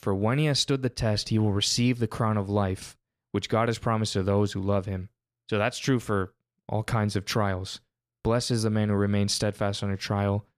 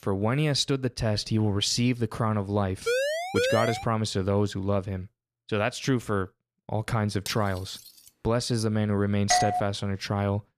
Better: first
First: none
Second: siren; loud; at 3 s; peak 1 dB above the speech // clattering dishes; faint; at 7.5 s; peak 10 dB below the speech // doorbell; loud; at 9.5 s; peak 3 dB above the speech

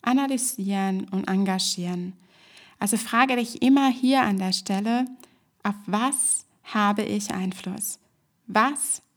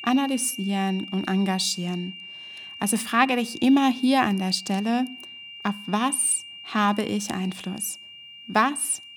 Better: first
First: none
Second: high-pitched whine; noticeable; throughout; 3 kHz, 15 dB below the speech

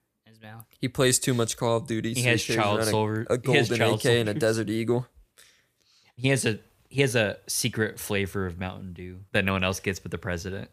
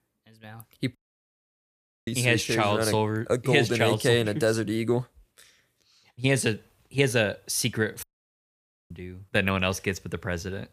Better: first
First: none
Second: audio cutting out; at 1 s for 1 s and at 8 s for 1 s

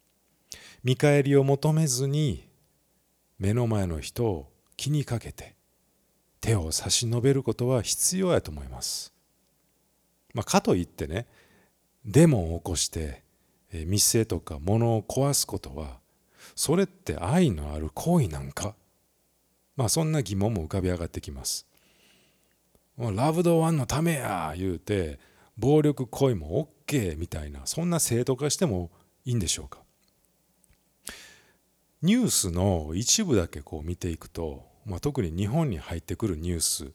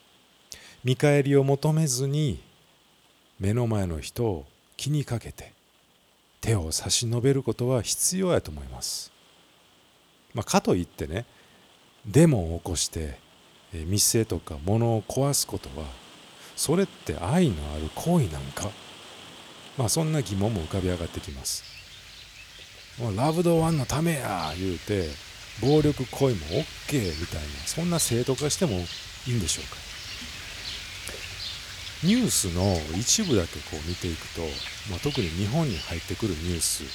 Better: first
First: none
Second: rain or running water; noticeable; throughout; 10 dB below the speech

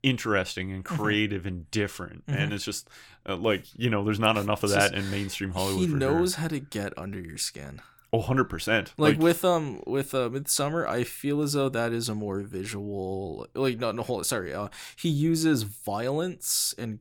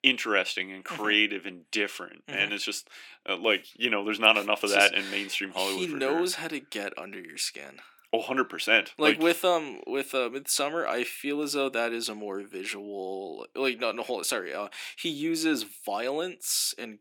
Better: first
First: none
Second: thin; somewhat; fading below 250 Hz

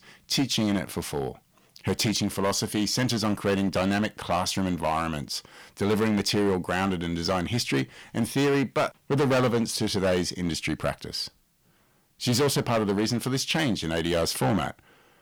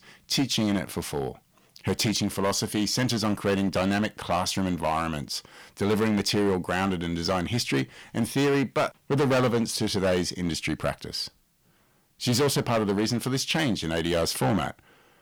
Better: neither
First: distortion; heavy; 10% of the sound clipped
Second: distortion; heavy; 10% of the sound clipped

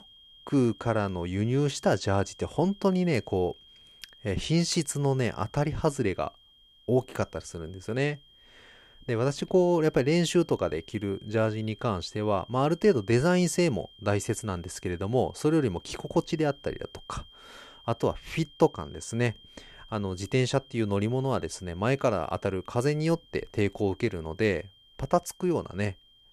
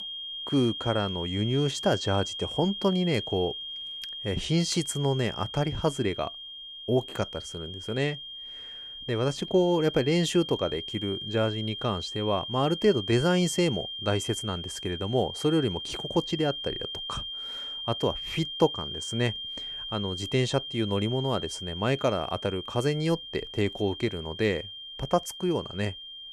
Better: first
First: high-pitched whine; faint; throughout; 3 kHz, 25 dB below the speech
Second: high-pitched whine; loud; throughout; 3 kHz, 7 dB below the speech

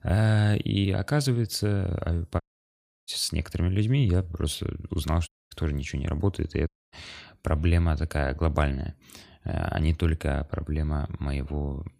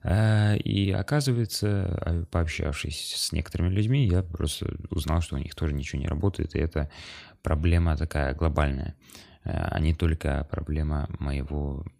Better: second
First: audio cutting out; at 2.5 s for 0.5 s, at 5.5 s and at 6.5 s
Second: none

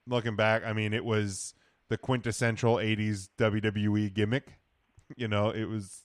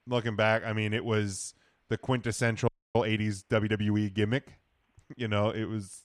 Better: first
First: none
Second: audio freezing; at 2.5 s

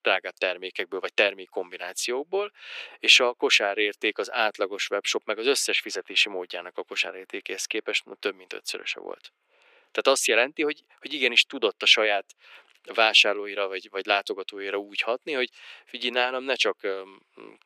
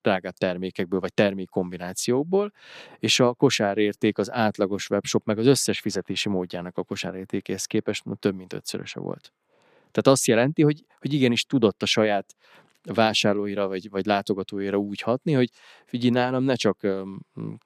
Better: second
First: thin; very; fading below 400 Hz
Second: none

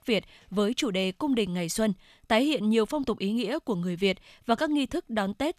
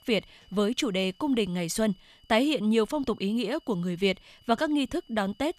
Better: first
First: none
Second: high-pitched whine; faint; throughout; 3 kHz, 30 dB below the speech

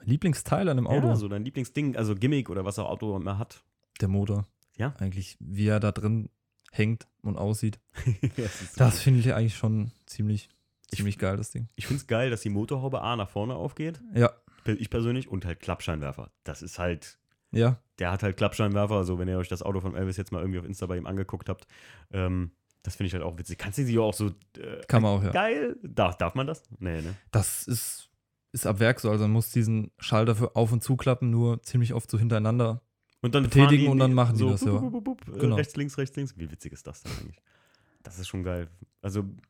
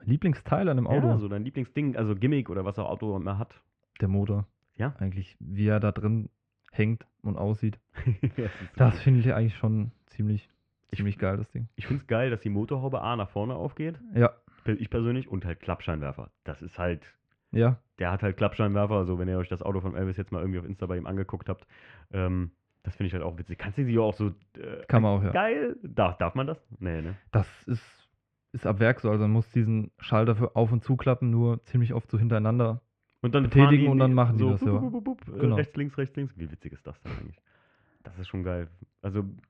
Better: first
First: none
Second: muffled; very; fading above 2.5 kHz

